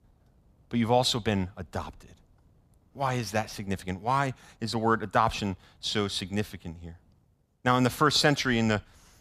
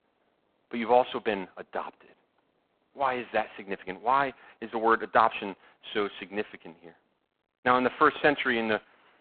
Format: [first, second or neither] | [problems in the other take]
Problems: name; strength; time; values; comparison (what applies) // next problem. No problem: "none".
first | phone-call audio; poor line; nothing above 3.5 kHz